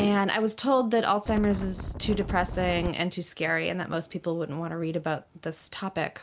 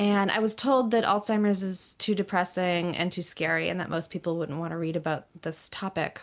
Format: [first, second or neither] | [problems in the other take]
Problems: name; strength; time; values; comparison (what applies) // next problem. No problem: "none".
second | background sound (Wind + Motor vehicle (road)); 11 dB below the speech